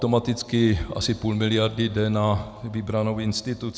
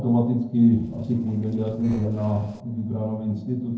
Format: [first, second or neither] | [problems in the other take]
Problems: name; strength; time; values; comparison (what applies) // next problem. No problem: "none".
first | noise reduction (neural separator model SepFormer DNS4)